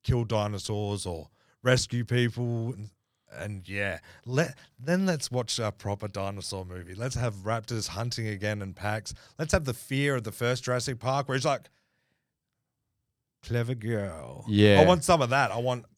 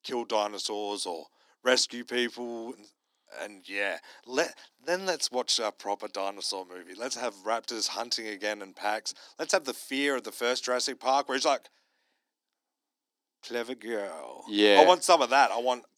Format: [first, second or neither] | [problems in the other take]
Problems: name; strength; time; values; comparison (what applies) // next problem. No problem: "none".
first | thin; somewhat; fading below 250 Hz